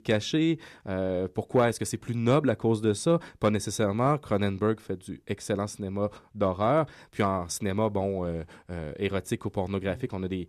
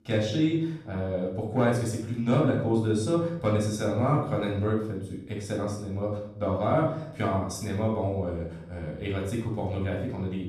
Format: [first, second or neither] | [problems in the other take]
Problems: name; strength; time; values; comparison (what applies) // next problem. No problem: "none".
first | off-mic speech; far // room echo; noticeable; dies away in 0.6 s